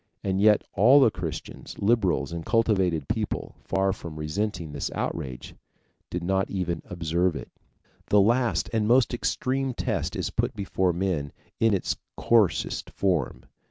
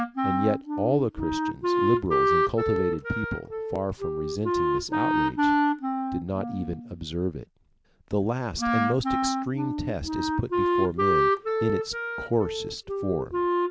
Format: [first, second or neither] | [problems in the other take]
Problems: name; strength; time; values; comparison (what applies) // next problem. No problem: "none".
first | background sound (Wind instrument, woodwind instrument); 3 dB above the speech